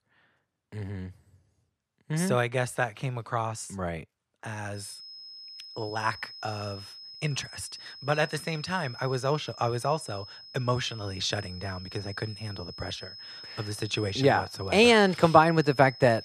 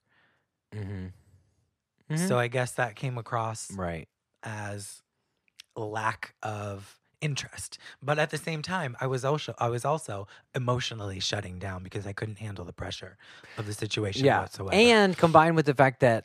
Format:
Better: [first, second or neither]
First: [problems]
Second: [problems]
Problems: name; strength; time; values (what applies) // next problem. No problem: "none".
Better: second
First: high-pitched whine; noticeable; from 5 s on; 5 kHz, 15 dB below the speech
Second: none